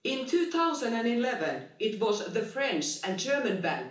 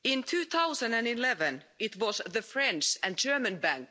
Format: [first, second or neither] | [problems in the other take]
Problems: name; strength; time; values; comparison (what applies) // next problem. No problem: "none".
second | room echo; dies away in 0.8 s